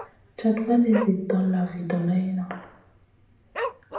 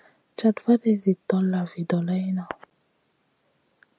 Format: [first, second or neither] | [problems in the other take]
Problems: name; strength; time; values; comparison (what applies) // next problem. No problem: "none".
second | background sound (Dog); 12 dB below the speech // room echo; dies away in 0.7 s